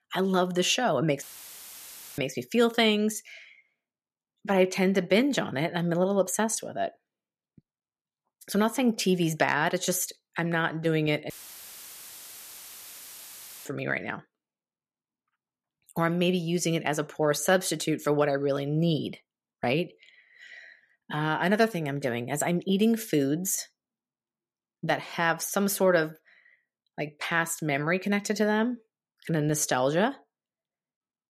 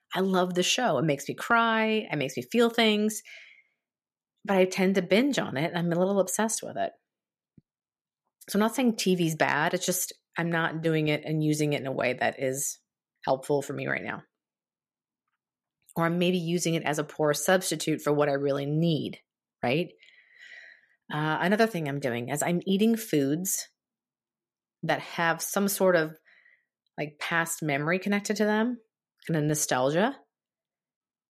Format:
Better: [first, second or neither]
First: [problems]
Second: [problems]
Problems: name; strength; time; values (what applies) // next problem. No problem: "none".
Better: second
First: audio cutting out; filled with static; at 1 s for 1 s and at 11 s for 2.5 s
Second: none